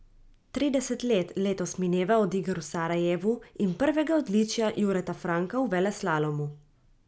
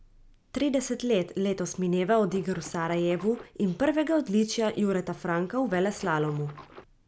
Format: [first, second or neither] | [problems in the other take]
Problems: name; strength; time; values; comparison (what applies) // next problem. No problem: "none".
first | background sound (Water / Splash, splatter); 20 dB below the speech